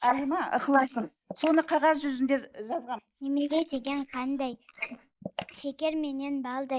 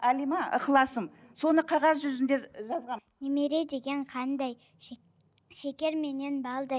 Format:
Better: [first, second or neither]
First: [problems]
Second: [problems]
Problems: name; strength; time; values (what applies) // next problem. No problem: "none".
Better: second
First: noise reduction (neural mask model Resemble Enhance denoiser)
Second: none